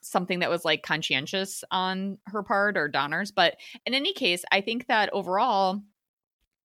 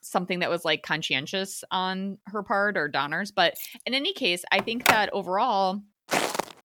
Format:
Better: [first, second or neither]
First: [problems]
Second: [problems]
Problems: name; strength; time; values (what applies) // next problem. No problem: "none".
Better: first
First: none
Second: jangling keys; faint; at 3.5 s; peak 15 dB below the speech // phone ringing; loud; at 4.5 s; peak 3 dB above the speech // footsteps; noticeable; at 6 s; peak level with the speech